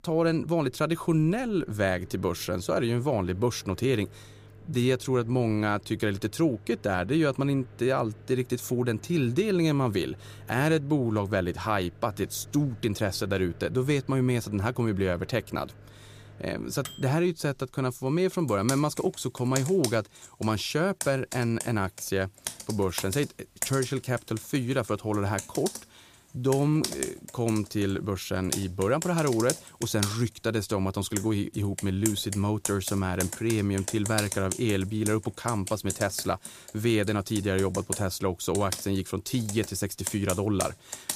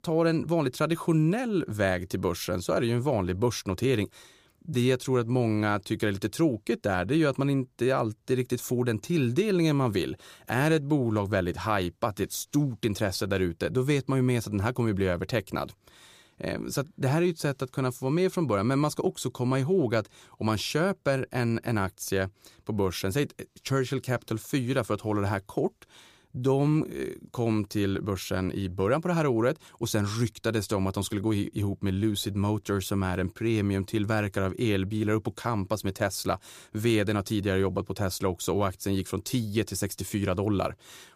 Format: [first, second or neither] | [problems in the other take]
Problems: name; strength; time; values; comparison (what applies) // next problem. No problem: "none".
second | household noises; loud; throughout; 10 dB below the speech